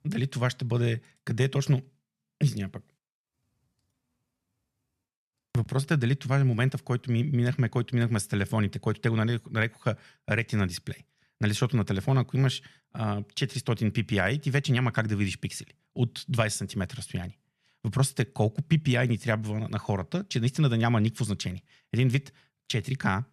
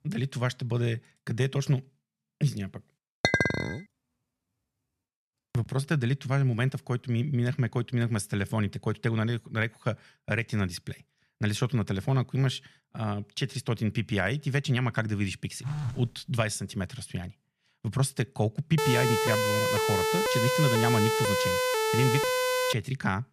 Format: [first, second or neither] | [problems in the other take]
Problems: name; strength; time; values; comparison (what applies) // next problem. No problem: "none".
first | clattering dishes; loud; at 3 s; peak 5 dB above the speech // phone ringing; noticeable; at 16 s; peak 4 dB below the speech // siren; loud; from 19 to 23 s; peak 4 dB above the speech